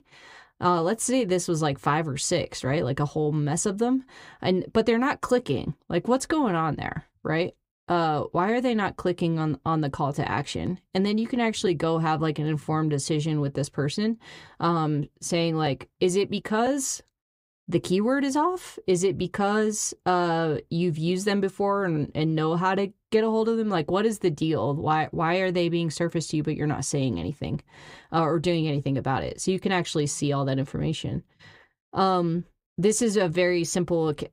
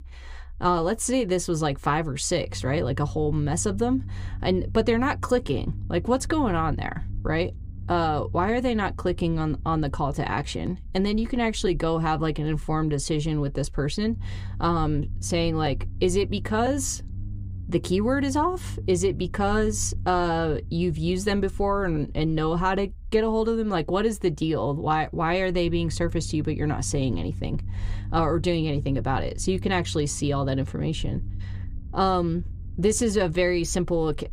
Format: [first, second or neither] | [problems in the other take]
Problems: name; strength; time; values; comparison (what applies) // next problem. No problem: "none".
first | low rumble; faint; throughout; 25 dB below the speech